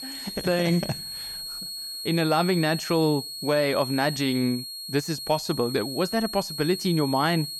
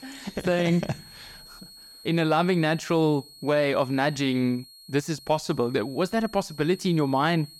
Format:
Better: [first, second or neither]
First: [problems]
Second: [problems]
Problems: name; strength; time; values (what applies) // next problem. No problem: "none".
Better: second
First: high-pitched whine; loud; throughout; 4.5 kHz, 7 dB below the speech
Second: high-pitched whine; faint; throughout; 4.5 kHz, 20 dB below the speech